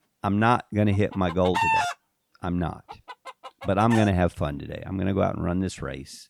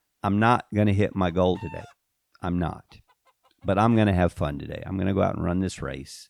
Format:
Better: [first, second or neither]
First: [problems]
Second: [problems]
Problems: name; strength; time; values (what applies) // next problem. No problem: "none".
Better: second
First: animal sounds; loud; throughout; 3 dB below the speech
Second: animal sounds; faint; throughout; 25 dB below the speech